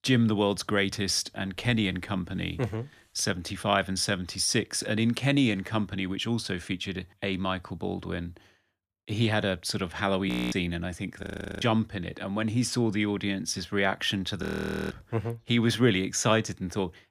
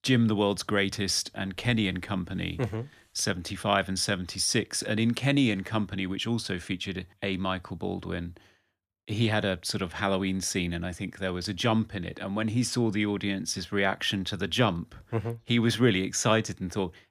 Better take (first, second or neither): second